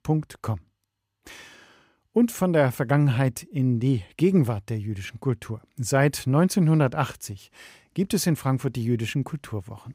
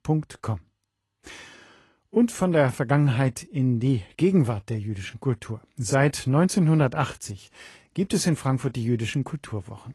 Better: first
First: none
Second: garbled, watery; slightly; nothing above 11.5 kHz

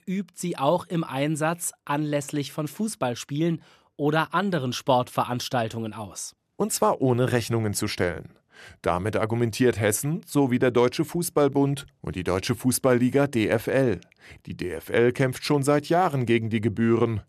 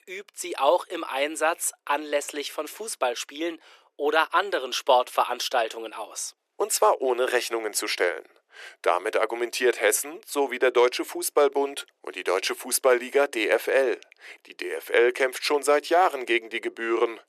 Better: first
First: none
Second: thin; very; fading below 350 Hz

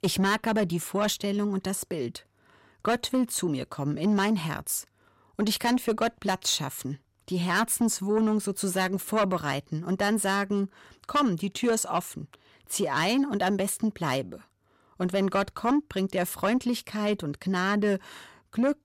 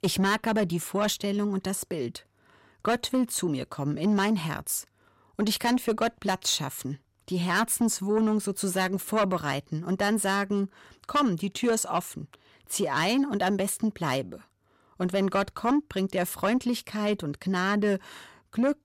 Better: neither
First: distortion; slight; 10 dB below the speech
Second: distortion; slight; 10 dB below the speech

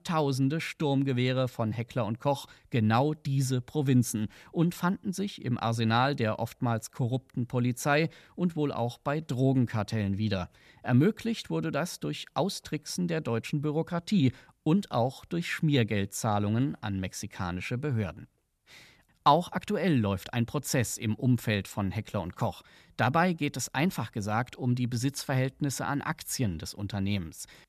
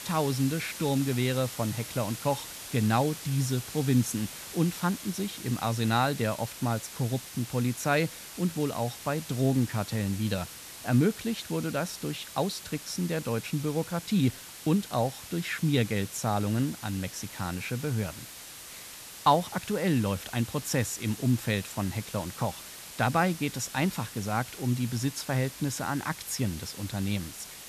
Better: first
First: none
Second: hiss; noticeable; throughout; 10 dB below the speech

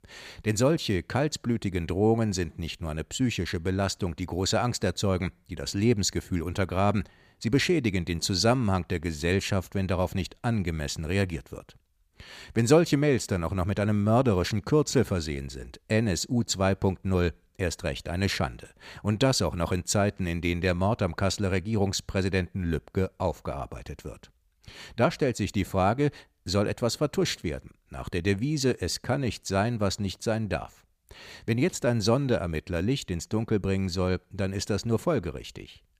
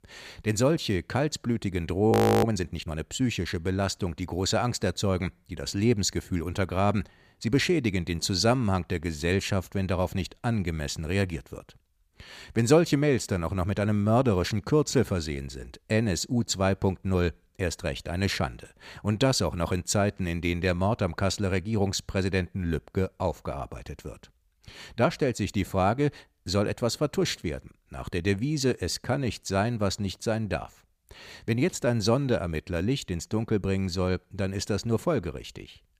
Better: first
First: none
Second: audio freezing; at 2 s

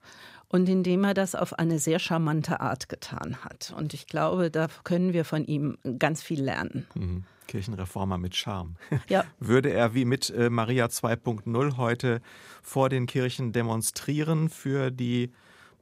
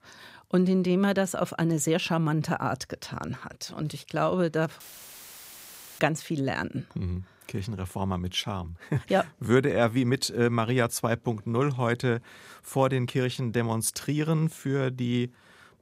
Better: first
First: none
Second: audio cutting out; filled with static; at 5 s for 1 s

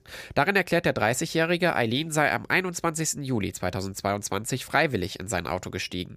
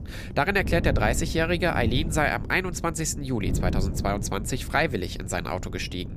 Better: first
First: none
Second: wind noise on the microphone; occasional gusts; 15 dB below the speech

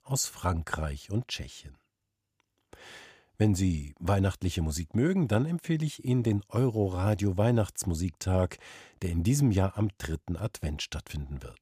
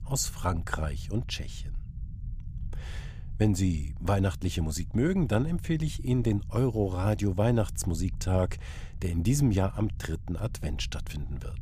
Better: first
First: none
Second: low rumble; faint; throughout; 25 dB below the speech

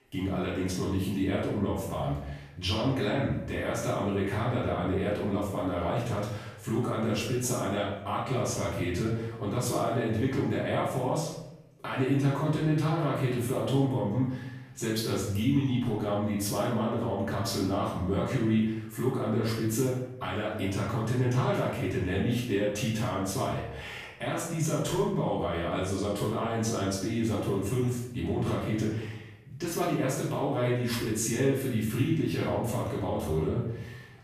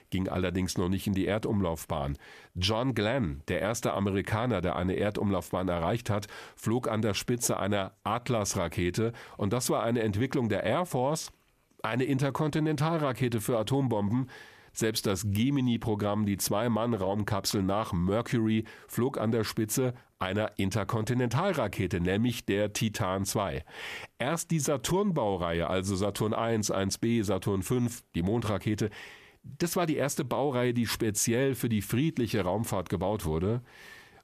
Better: second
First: room echo; noticeable; dies away in 0.7 s // off-mic speech; far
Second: none

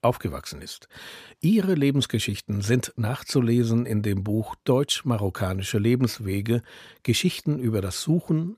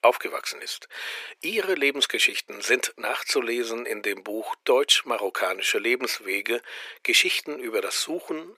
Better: first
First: none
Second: thin; very; fading below 400 Hz

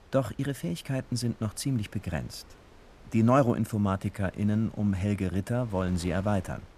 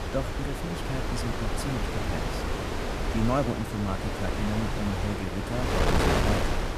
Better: first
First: wind noise on the microphone; occasional gusts; 20 dB below the speech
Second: wind noise on the microphone; heavy; 4 dB above the speech

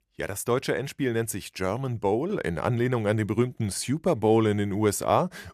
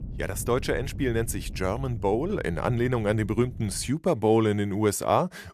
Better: first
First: none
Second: wind noise on the microphone; occasional gusts; until 4 s; 25 dB below the speech

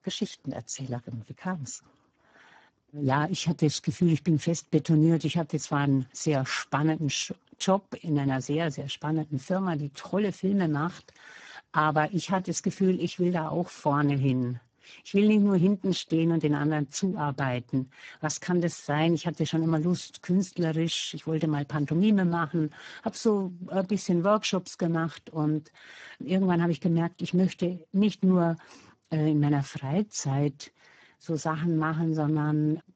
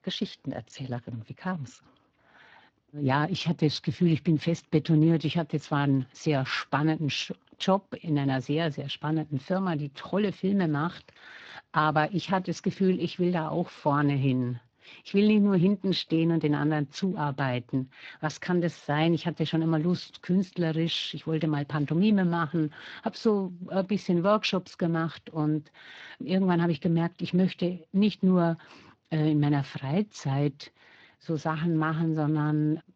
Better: second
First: garbled, watery; badly; nothing above 7.5 kHz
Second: garbled, watery; slightly

